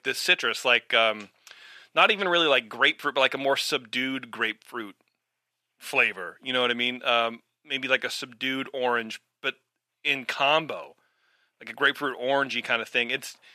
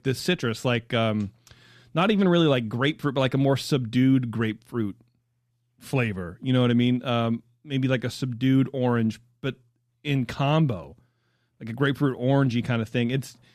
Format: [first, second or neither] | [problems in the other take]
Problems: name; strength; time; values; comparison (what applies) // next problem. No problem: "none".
second | thin; very; fading below 650 Hz